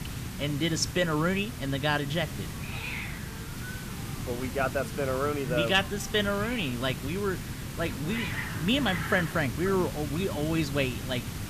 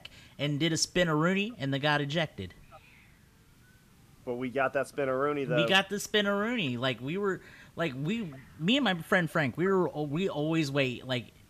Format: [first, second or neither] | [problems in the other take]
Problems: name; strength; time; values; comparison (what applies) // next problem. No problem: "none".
second | hiss; loud; throughout; 7 dB below the speech; faint in the second